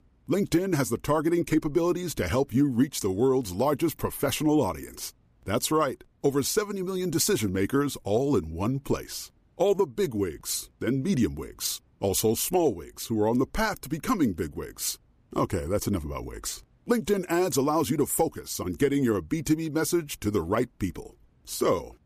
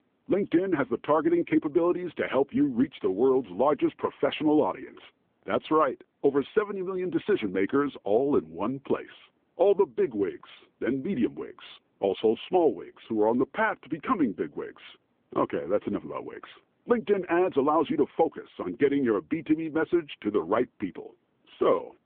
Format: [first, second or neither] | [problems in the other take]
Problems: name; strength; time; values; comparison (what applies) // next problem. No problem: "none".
first | phone-call audio